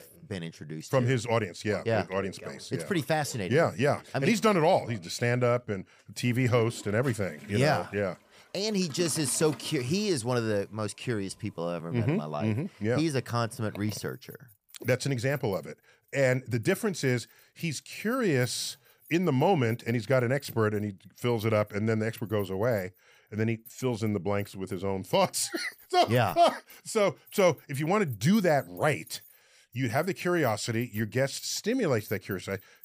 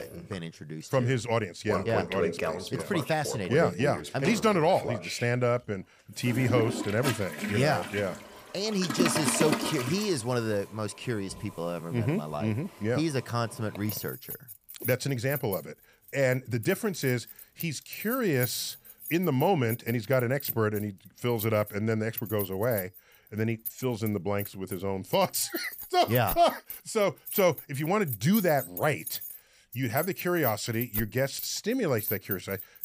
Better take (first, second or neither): first